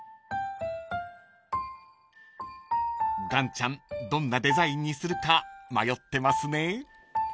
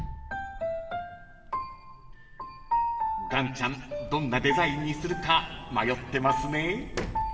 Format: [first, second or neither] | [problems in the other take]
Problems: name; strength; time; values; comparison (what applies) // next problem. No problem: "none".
first | background sound (Sliding door); 12 dB below the speech // room echo; dies away in 1.8 s